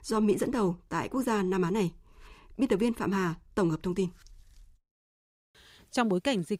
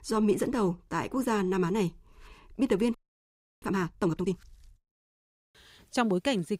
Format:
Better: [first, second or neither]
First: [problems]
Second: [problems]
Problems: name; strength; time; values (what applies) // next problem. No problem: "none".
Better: first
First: none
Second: audio freezing; at 3 s for 0.5 s